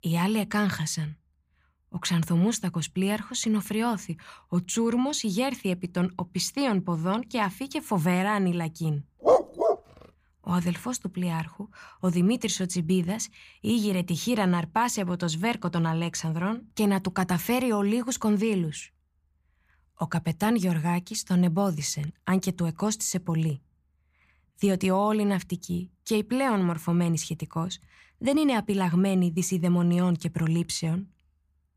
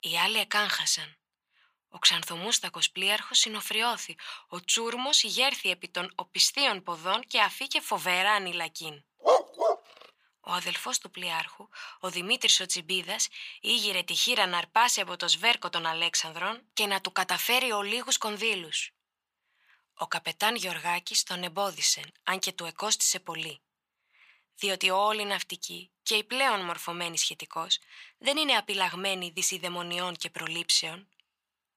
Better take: first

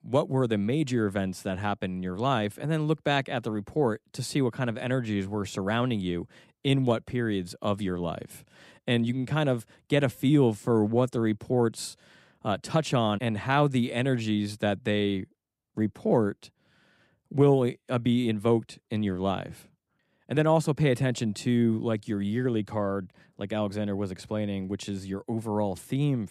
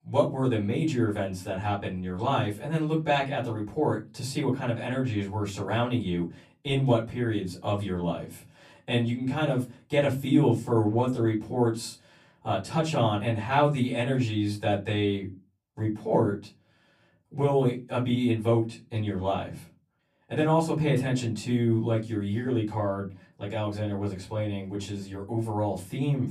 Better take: first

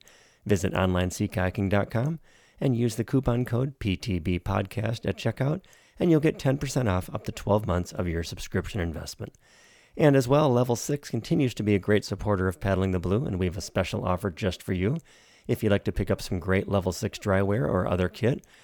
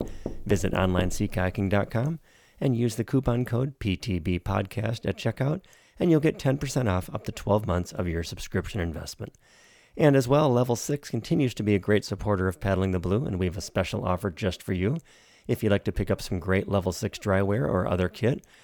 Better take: first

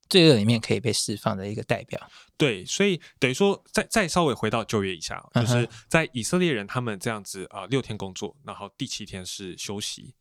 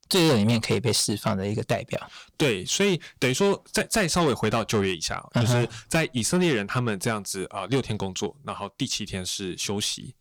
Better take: first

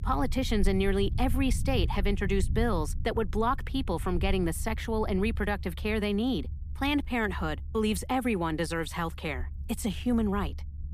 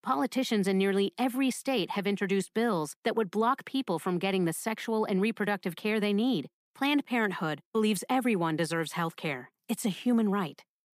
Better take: second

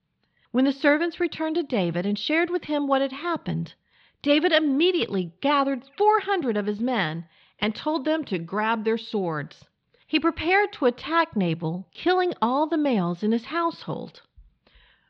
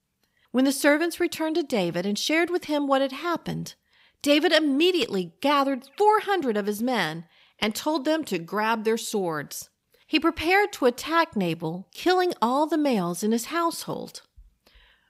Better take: second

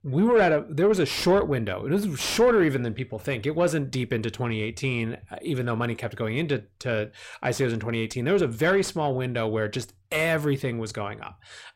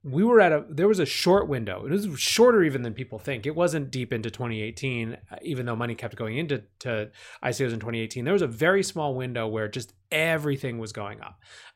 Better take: second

